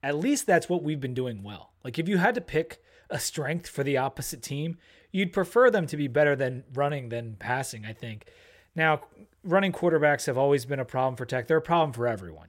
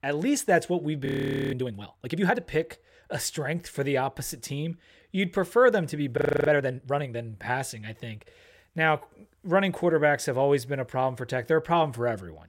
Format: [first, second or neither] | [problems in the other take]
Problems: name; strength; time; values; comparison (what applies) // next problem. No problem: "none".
first | audio freezing; at 1 s and at 6 s